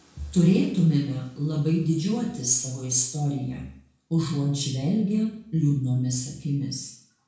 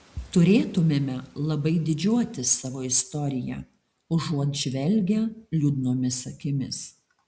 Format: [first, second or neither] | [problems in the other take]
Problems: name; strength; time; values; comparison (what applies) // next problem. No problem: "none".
second | room echo; dies away in 0.5 s